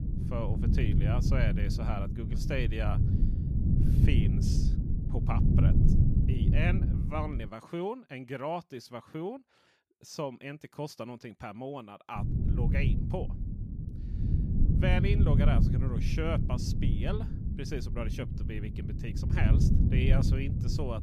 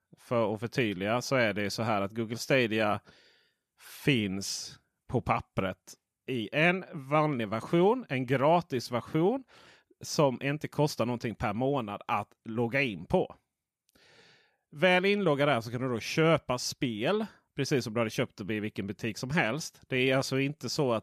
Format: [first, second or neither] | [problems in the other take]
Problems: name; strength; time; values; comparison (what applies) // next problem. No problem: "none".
second | low rumble; loud; until 7.5 s and from 12 s on; 2 dB below the speech